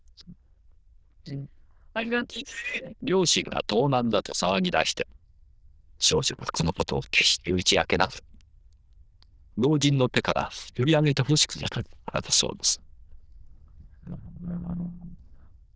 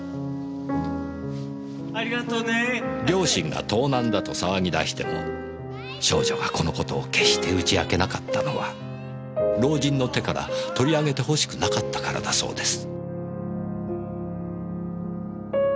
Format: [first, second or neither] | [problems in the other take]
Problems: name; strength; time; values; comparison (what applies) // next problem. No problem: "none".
second | noise reduction (neural diffusion model UNIVERSE++)